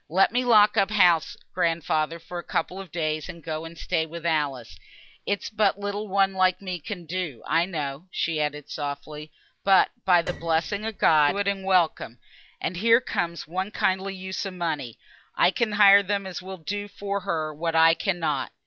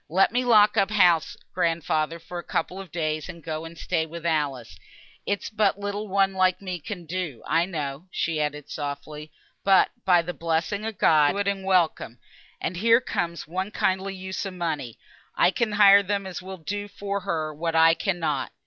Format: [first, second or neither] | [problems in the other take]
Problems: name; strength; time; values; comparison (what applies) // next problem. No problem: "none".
second | background sound (Piano); 18 dB below the speech